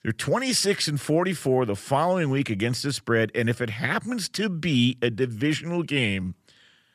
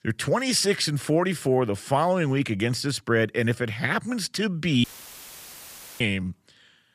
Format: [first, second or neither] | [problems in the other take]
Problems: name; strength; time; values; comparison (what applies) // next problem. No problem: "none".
first | audio cutting out; filled with static; at 5 s for 1 s